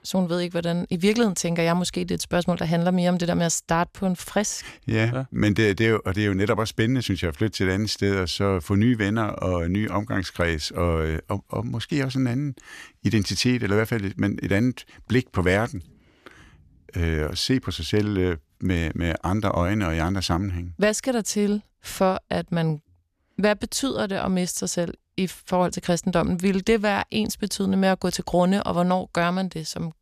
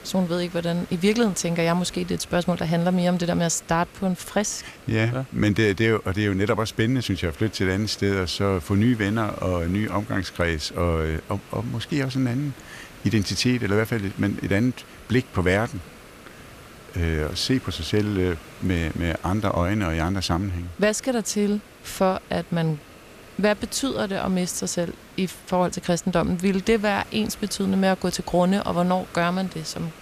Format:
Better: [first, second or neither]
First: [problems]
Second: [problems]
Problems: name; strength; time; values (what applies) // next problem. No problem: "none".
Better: first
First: none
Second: hiss; faint; throughout; 20 dB below the speech